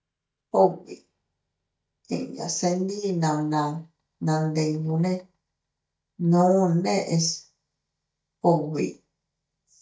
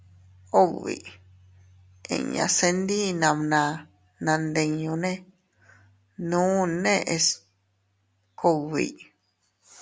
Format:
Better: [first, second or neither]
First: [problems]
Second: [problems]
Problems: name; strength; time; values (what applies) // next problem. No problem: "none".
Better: second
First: noise reduction (neural mask model DeepFilterNet 3)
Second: none